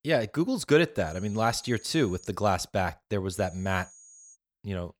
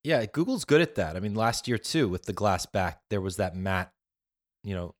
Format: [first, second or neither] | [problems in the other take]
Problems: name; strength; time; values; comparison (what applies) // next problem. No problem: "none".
second | high-pitched whine; faint; from 1 to 2.5 s and from 3.5 to 4.5 s; 6.5 kHz, 20 dB below the speech